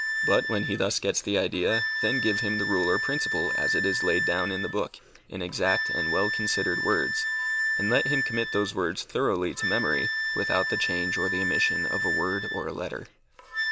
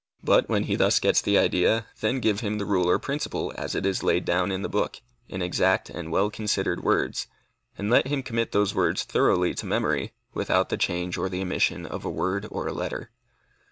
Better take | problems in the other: second | background sound (Wind instrument, woodwind instrument); as loud as the speech

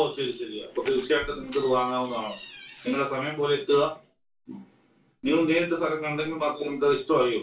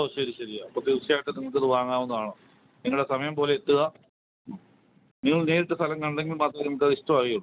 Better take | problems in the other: second | background sound (Door); 18 dB below the speech // room echo; dies away in 0.2 s

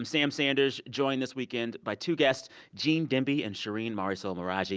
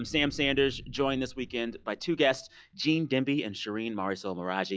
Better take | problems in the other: first | noise reduction (classical method log-MMSE)

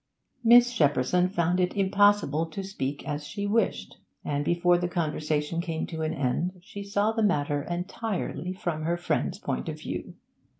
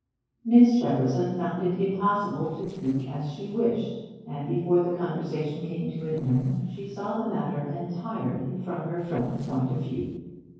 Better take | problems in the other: first | noise reduction (neural separator model SepFormer DNS4)

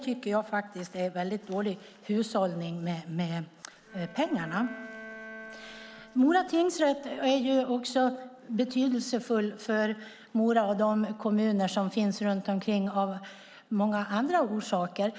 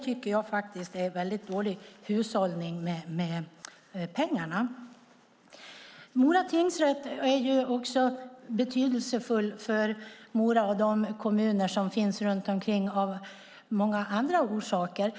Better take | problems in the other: second | background sound (Bowed string instrument); 18 dB below the speech

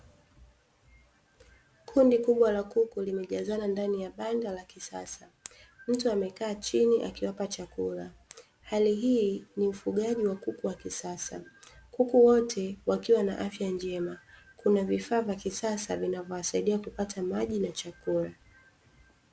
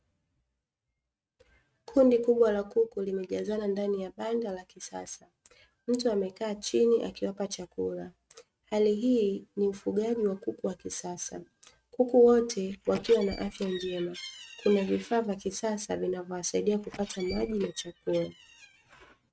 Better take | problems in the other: first | noise reduction (neural mask model RNNoise)

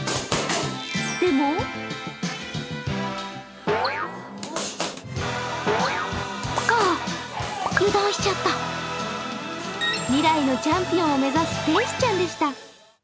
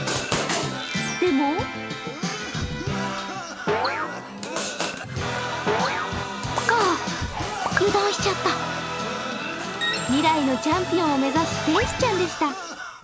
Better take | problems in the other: first | background sound (Cough); 11 dB below the speech

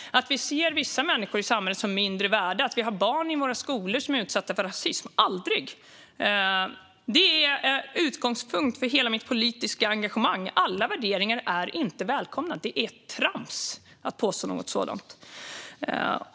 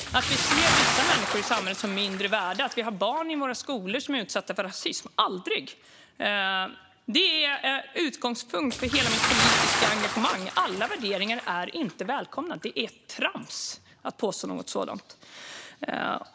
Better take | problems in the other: first | background sound (Bathtub (filling or washing) / Splash, splatter); 3 dB below the speech

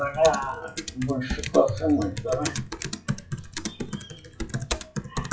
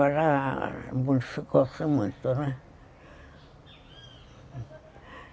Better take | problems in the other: second | noise reduction (classical method WPE with log-MMSE)

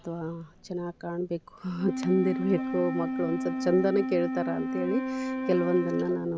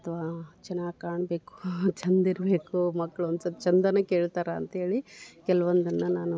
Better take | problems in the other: second | background sound (Wind instrument, woodwind instrument); 4 dB below the speech

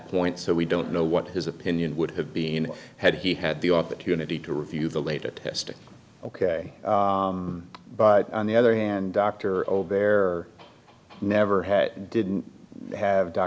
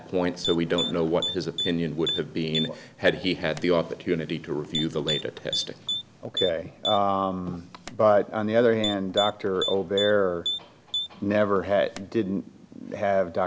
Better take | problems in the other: first | background sound (Typing); 8 dB below the speech

